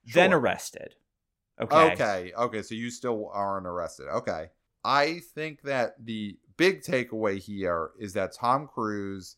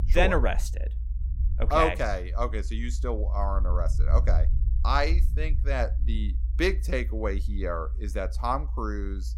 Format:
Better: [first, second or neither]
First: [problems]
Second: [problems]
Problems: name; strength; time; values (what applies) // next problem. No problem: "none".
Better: first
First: none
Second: low rumble; faint; throughout; 20 dB below the speech